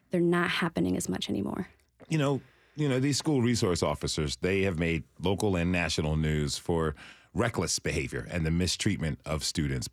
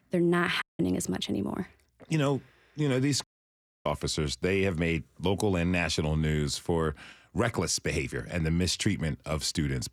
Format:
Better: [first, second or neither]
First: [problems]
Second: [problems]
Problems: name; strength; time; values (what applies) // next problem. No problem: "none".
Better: first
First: none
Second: audio cutting out; at 0.5 s and at 3 s for 0.5 s